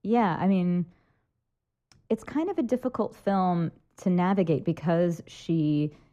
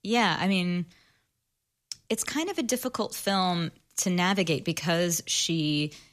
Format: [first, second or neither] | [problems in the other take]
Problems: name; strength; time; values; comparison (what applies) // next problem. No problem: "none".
second | muffled; very; fading above 2 kHz